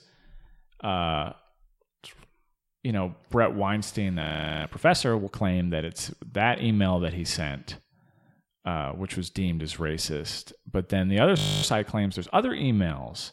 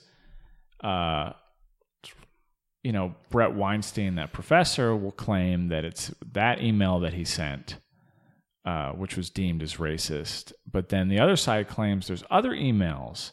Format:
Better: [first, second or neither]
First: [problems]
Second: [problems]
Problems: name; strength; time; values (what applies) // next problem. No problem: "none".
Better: second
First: audio freezing; at 4 s and at 11 s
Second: none